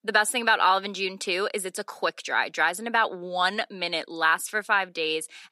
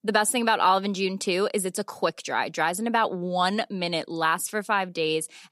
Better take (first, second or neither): second